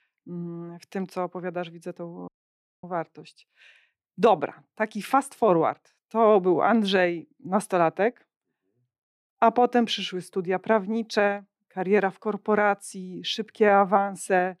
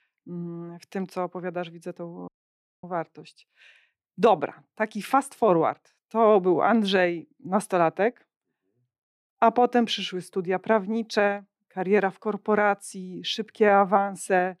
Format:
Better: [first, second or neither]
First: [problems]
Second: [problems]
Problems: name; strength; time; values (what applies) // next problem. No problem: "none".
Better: neither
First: audio cutting out; at 2.5 s for 0.5 s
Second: audio cutting out; at 2.5 s for 0.5 s